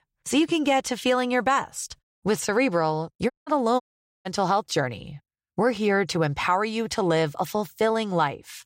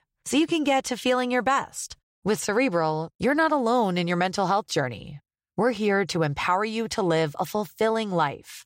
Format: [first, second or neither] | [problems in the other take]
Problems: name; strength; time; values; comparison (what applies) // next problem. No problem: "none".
second | audio cutting out; at 3.5 s and at 4 s